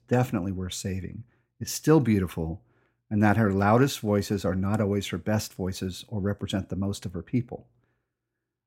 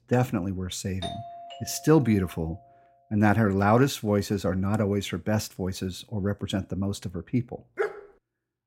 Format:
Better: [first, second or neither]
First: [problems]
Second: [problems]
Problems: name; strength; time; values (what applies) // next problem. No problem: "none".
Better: first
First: none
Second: doorbell; faint; from 1 to 2.5 s; peak 10 dB below the speech // dog barking; noticeable; at 8 s; peak 5 dB below the speech